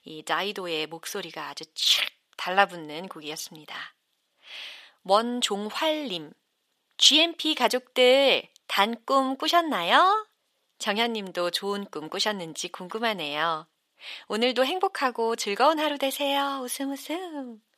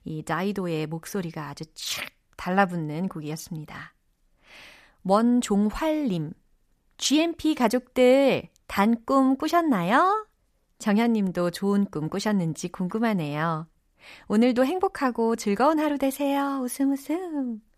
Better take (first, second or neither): second